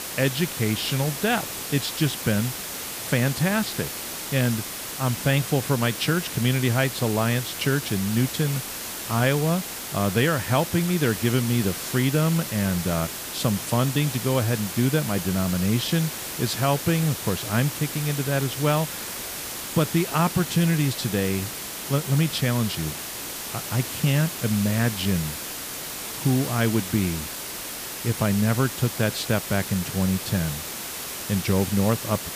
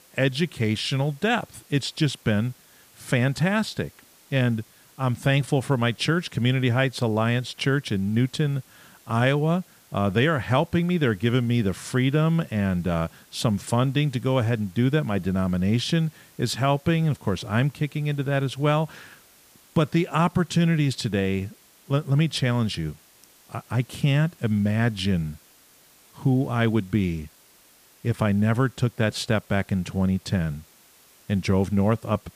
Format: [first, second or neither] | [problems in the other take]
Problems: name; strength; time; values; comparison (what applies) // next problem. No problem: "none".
second | hiss; loud; throughout; 6 dB below the speech; faint in the second